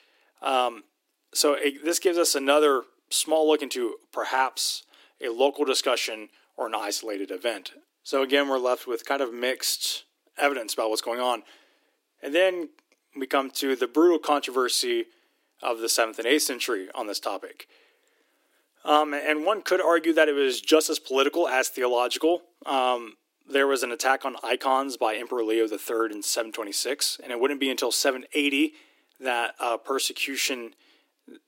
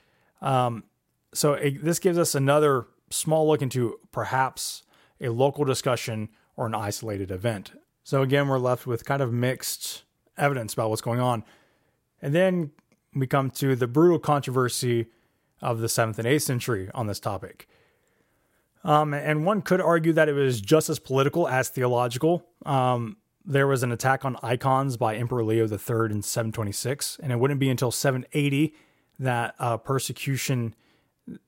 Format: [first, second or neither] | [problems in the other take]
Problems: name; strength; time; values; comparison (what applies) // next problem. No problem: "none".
second | thin; somewhat; fading below 300 Hz